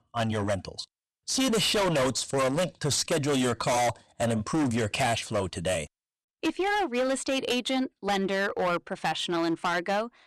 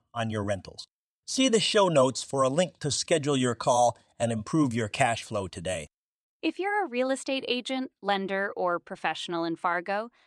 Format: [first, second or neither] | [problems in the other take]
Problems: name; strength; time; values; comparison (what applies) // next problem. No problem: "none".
second | distortion; heavy; 19% of the sound clipped